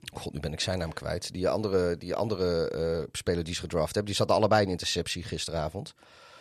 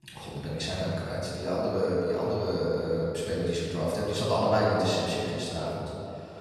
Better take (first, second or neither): first